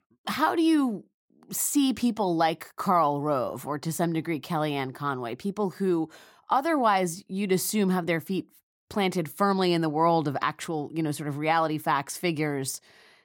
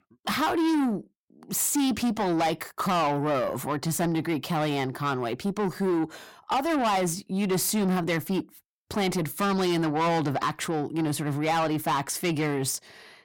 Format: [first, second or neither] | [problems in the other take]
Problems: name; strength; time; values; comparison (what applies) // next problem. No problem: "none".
first | distortion; heavy; 8 dB below the speech